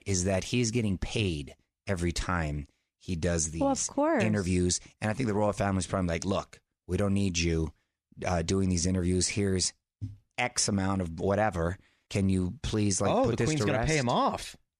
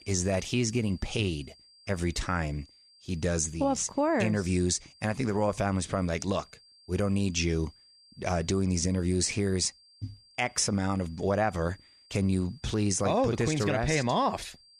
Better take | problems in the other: first | high-pitched whine; faint; throughout; 4.5 kHz, 25 dB below the speech

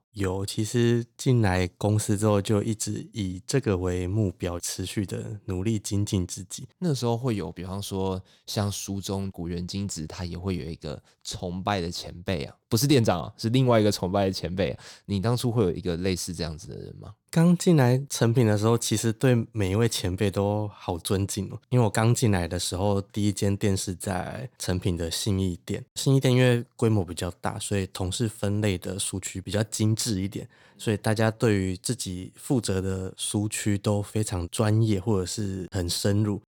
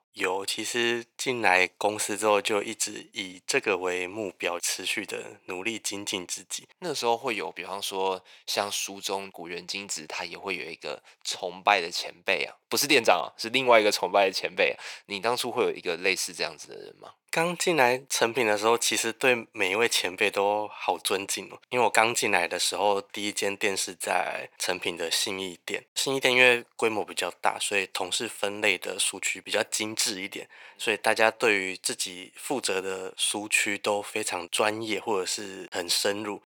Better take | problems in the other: first | thin; very; fading below 550 Hz

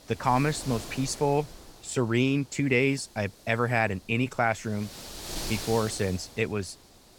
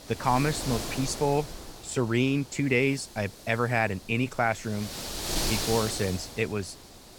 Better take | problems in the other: first | wind noise on the microphone; heavy; 6 dB below the speech; occasional gusts in the first

